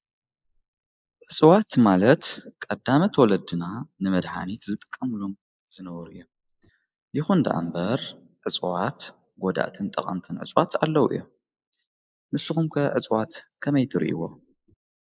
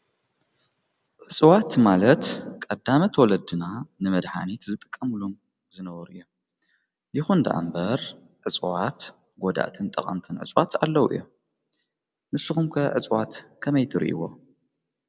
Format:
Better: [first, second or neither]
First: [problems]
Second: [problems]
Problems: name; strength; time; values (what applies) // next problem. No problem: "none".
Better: second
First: noise reduction (neural mask model Resemble Enhance denoiser)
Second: none